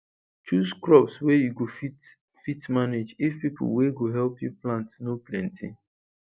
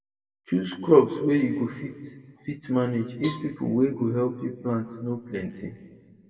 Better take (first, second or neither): first